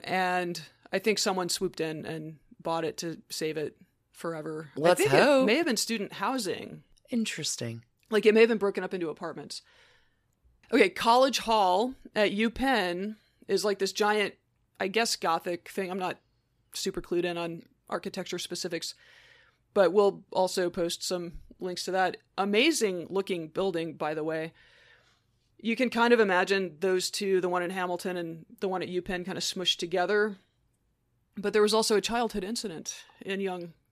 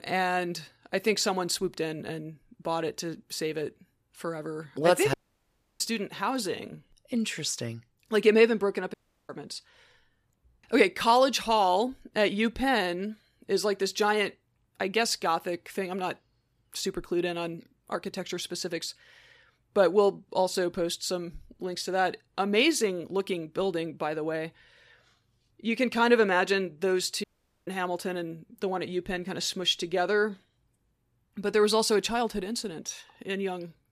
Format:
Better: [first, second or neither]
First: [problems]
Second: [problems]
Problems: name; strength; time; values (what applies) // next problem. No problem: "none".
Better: first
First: none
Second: audio cutting out; at 5 s for 0.5 s, at 9 s and at 27 s